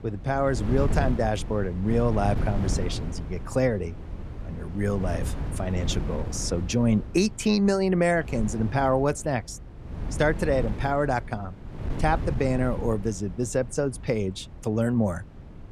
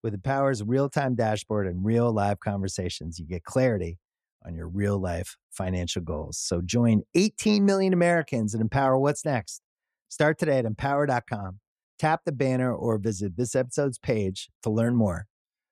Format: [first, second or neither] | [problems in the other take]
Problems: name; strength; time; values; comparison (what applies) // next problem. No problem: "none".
second | wind noise on the microphone; occasional gusts; 15 dB below the speech